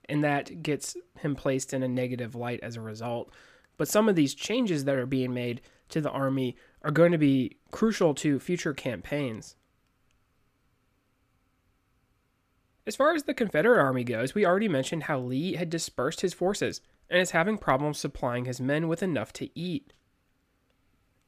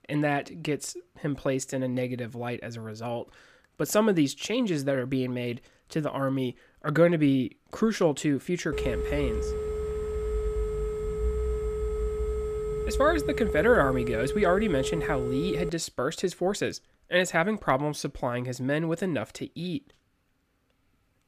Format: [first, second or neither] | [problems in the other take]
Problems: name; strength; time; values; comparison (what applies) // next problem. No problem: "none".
first | phone ringing; noticeable; from 8.5 to 16 s; peak 2 dB below the speech